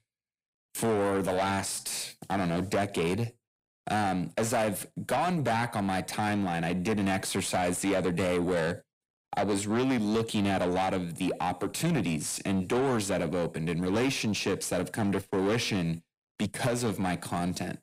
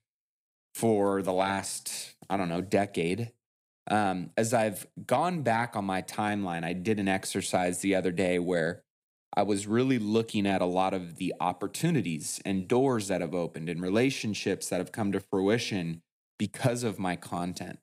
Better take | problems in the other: second | distortion; heavy; 7 dB below the speech

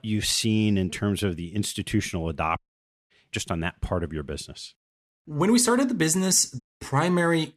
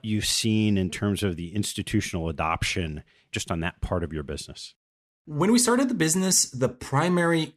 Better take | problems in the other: second | audio cutting out; at 2.5 s for 0.5 s and at 6.5 s

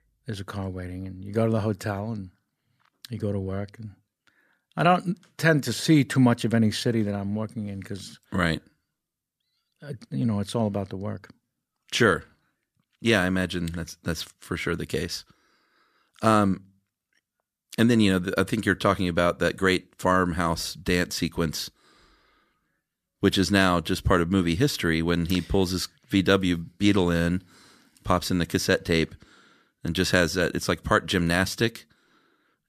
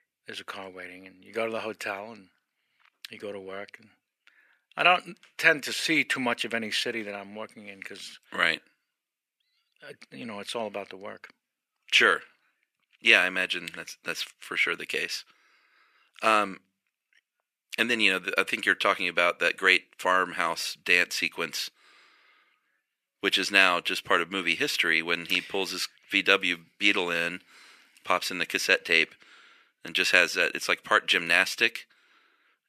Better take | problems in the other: first | thin; very; fading below 450 Hz

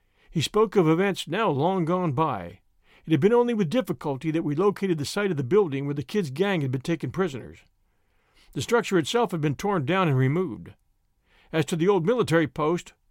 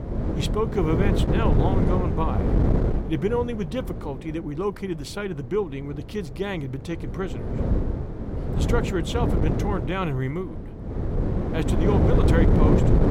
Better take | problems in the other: first | wind noise on the microphone; heavy; 1 dB below the speech

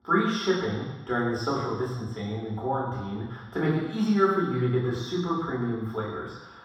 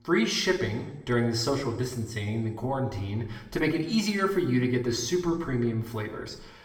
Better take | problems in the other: second | room echo; strong; dies away in 1.2 s; slight in the second // off-mic speech; far; far in the second

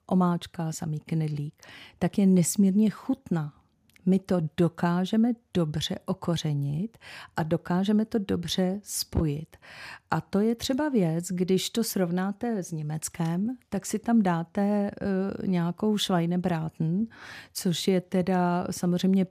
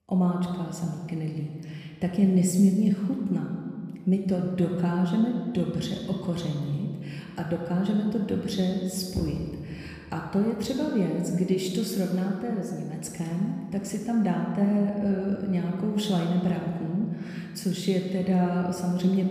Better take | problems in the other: first | room echo; noticeable; dies away in 1.8 s // off-mic speech; somewhat distant

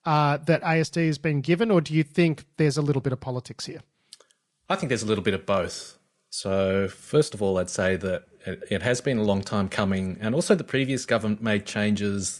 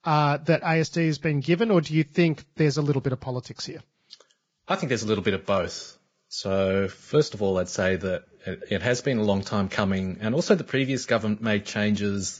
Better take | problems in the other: first | garbled, watery; badly; nothing above 7.5 kHz; slightly in the first

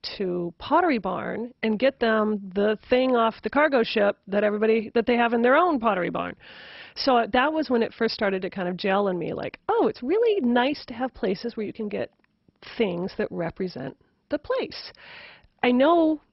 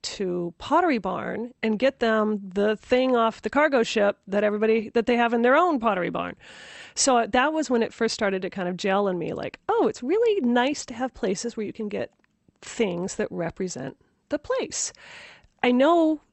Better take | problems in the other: second | garbled, watery; badly; nothing above 5.5 kHz; slightly in the second

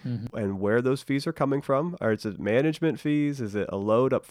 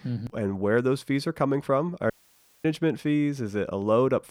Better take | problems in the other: first | audio cutting out; at 2 s for 0.5 s

